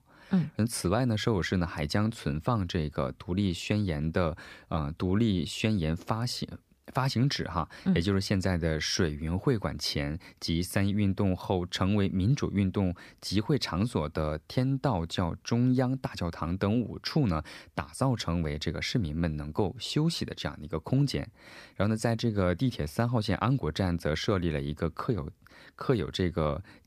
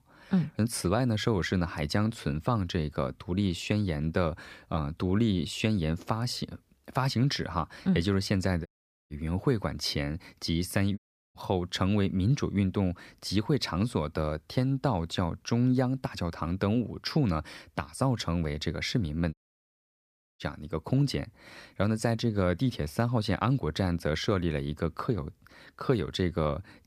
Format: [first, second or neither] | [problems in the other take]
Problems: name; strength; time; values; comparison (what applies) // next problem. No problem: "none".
first | audio cutting out; at 8.5 s, at 11 s and at 19 s for 1 s